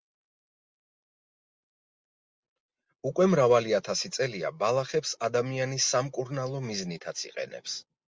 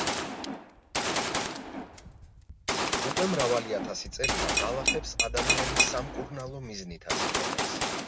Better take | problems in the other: first | background sound (Gunshot, gunfire + Tap / Glass); 5 dB above the speech

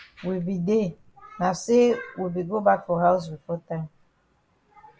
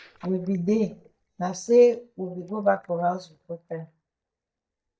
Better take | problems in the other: first | noise reduction (neural mask model DeepFilterNet 3)

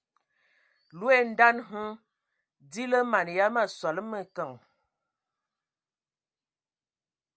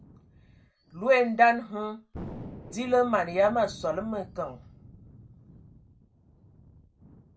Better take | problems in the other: first | background sound (Thunder); 18 dB below the speech // room echo; dies away in 0.2 s

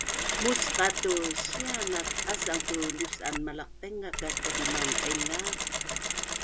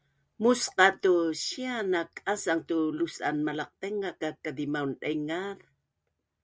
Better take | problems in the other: second | background sound (Mechanisms); 3 dB above the speech

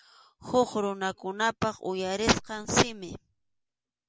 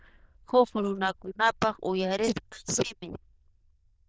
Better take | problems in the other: first | noise reduction (neural diffusion model UNIVERSE++)

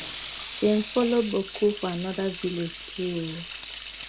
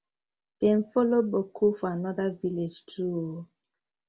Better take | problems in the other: second | background sound (Sink (filling or washing) / Water tap, faucet); 11 dB below the speech

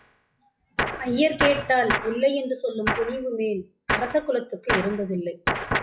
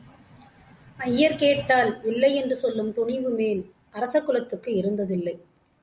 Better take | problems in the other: second | noise reduction (classical method log-MMSE)

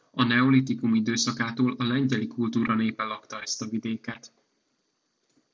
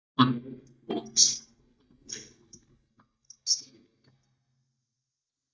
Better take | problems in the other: first | noise reduction (neural mask model DeepFilterNet 3)

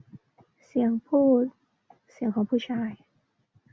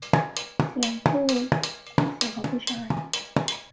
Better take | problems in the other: first | background sound (Drum kit); 5 dB above the speech // room echo; dies away in 0.2 s

